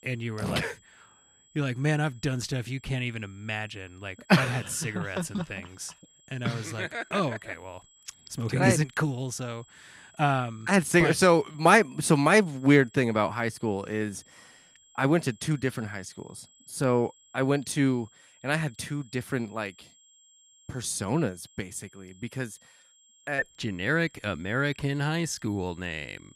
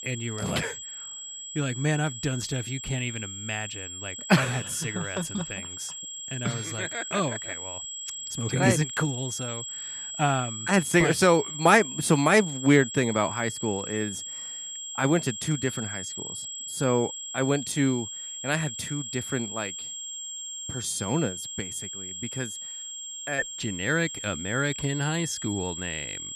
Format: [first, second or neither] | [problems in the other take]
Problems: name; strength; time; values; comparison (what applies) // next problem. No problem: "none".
first | high-pitched whine; loud; throughout; 7.5 kHz, 7 dB below the speech; faint in the first